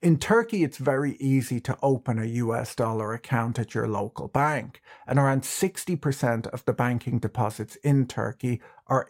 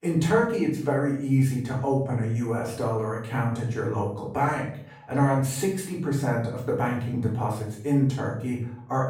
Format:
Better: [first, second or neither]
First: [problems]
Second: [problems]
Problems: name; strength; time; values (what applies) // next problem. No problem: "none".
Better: first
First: none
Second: room echo; noticeable; dies away in 0.5 s // off-mic speech; far